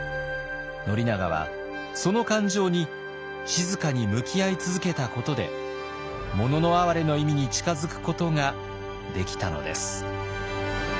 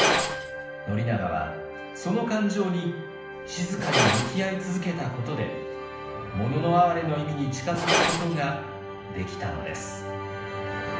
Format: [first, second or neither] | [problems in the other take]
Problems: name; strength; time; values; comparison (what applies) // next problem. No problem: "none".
first | background sound (Glass); 4 dB below the speech // room echo; dies away in 0.8 s